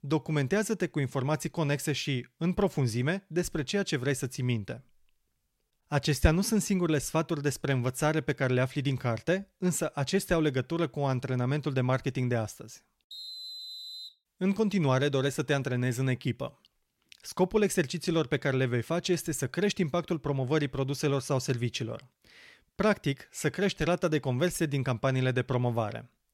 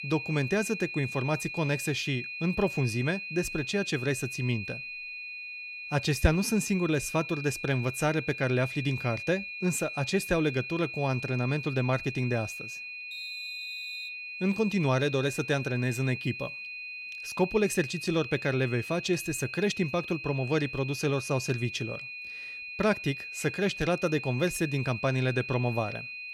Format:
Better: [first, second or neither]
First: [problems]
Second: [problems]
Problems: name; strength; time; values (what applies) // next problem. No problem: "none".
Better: first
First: none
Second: high-pitched whine; loud; throughout; 2.5 kHz, 7 dB below the speech